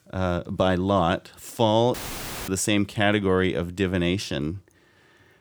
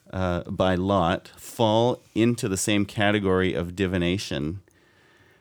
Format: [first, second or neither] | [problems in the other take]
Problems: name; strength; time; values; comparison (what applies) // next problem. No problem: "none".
second | audio cutting out; filled with static; at 2 s for 0.5 s